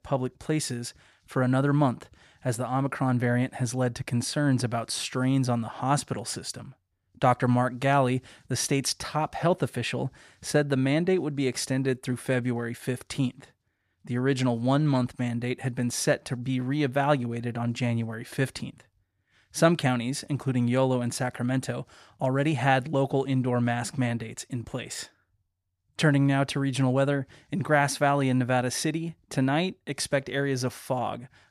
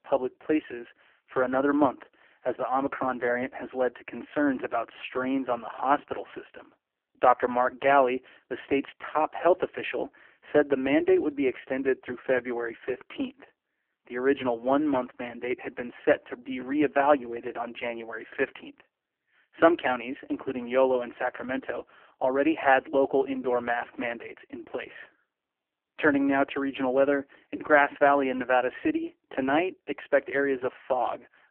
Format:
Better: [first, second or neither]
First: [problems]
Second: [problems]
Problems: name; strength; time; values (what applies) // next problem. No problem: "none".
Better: first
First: none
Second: phone-call audio; poor line